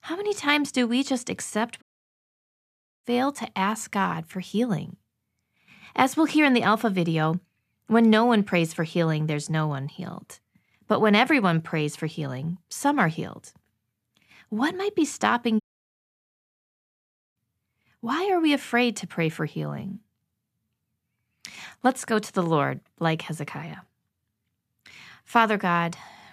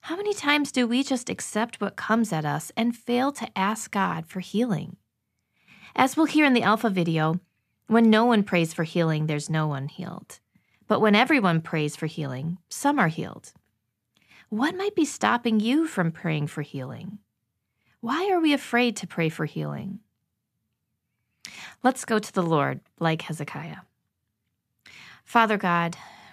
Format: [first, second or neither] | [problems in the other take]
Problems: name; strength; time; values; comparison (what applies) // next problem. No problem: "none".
second | audio cutting out; at 2 s for 1 s and at 16 s for 2 s